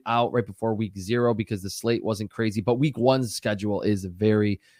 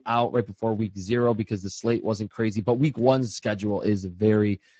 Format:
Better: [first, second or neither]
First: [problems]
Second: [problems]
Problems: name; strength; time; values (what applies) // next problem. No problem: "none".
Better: first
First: none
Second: garbled, watery; badly; nothing above 7.5 kHz